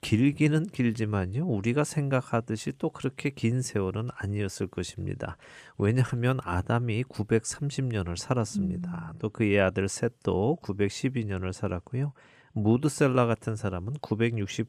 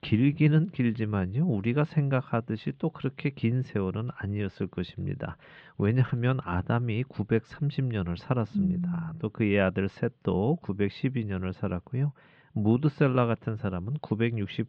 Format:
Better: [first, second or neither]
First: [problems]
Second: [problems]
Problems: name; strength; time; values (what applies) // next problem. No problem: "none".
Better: first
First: none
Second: muffled; very; fading above 4 kHz